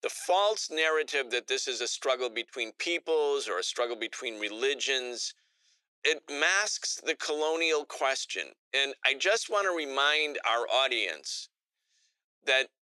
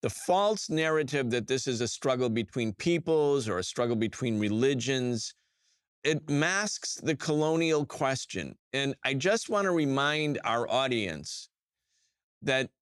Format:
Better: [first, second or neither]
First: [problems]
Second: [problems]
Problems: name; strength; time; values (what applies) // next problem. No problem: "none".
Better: second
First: thin; very; fading below 400 Hz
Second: none